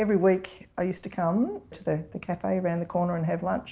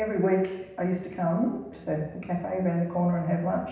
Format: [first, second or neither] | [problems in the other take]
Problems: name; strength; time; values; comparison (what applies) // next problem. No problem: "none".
first | room echo; dies away in 0.9 s